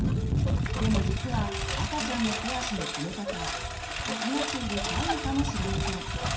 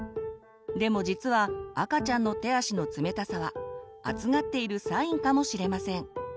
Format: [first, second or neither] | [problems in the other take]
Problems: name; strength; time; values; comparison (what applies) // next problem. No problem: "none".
second | background sound (Engine); 4 dB above the speech // room echo; dies away in 0.7 s